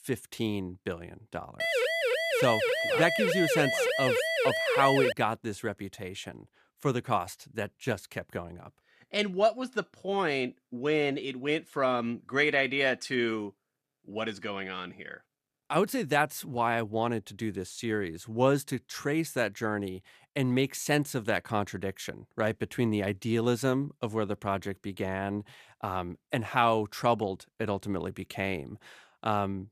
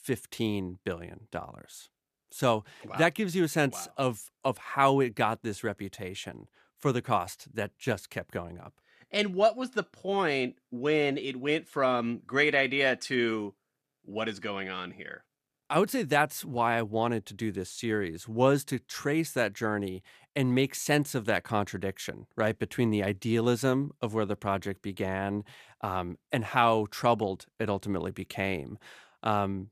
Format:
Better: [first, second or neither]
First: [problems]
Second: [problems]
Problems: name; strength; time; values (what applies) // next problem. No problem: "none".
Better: second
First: siren; loud; from 1.5 to 5 s; peak 4 dB above the speech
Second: none